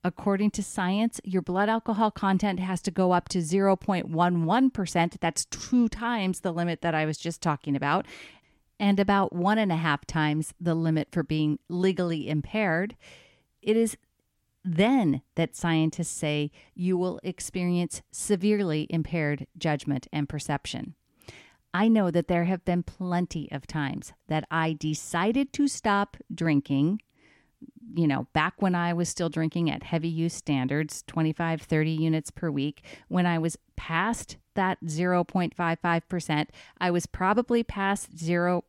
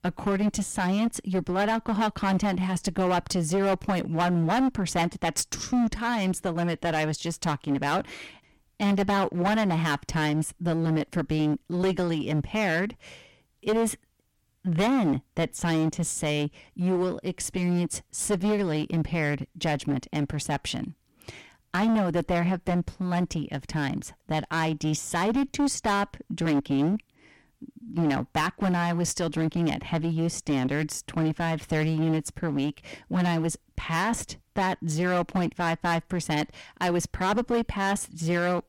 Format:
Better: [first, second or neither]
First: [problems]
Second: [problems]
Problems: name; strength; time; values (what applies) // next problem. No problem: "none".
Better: first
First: none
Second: distortion; heavy; 14% of the sound clipped